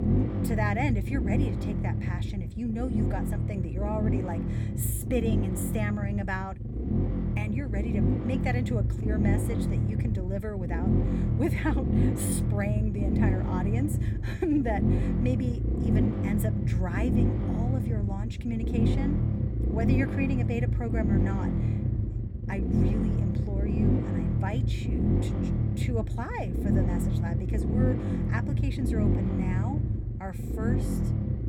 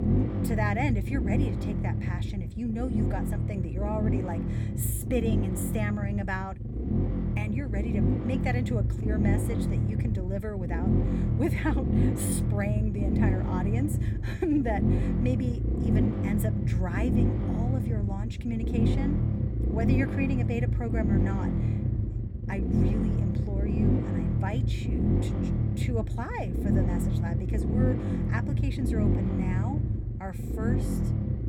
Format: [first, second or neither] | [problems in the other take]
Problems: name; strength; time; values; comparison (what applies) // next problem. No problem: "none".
neither | low rumble; loud; throughout; as loud as the speech; the same in both